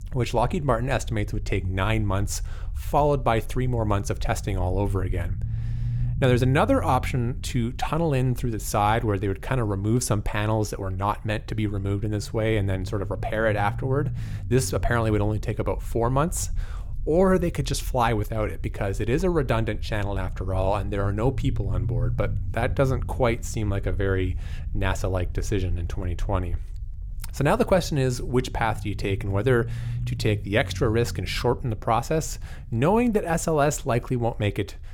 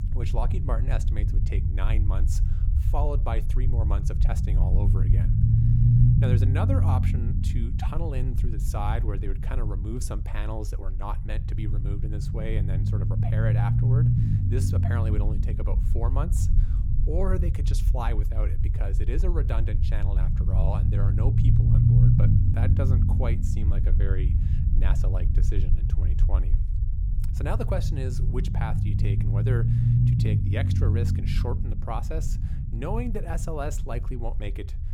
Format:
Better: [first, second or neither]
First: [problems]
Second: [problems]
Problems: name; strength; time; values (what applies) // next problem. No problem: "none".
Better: first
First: low rumble; faint; throughout; 20 dB below the speech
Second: low rumble; loud; throughout; 1 dB below the speech